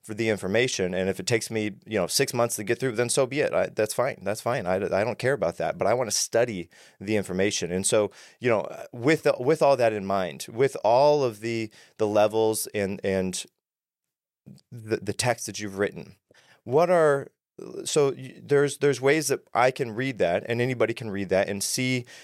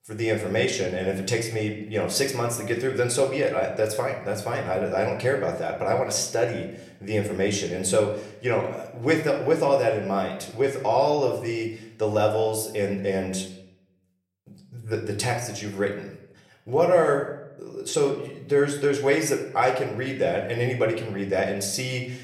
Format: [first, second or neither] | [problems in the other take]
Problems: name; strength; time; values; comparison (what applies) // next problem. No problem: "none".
first | room echo; slight; dies away in 0.7 s // off-mic speech; somewhat distant